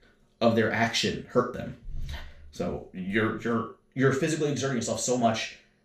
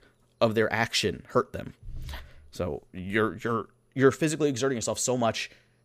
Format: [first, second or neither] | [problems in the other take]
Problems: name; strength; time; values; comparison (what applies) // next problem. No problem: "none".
second | room echo; slight; dies away in 0.3 s // off-mic speech; far